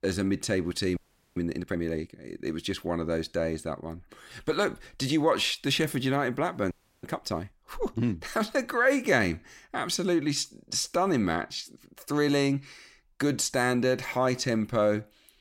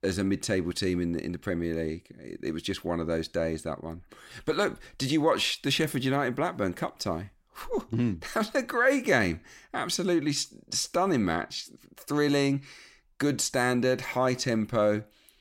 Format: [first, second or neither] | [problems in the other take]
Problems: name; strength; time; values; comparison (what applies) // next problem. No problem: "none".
second | audio freezing; at 1 s and at 6.5 s